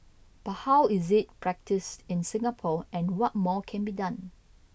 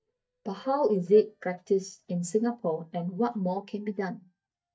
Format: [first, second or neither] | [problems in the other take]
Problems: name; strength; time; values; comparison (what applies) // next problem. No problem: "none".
first | noise reduction (neural mask model DeepFilterNet 3)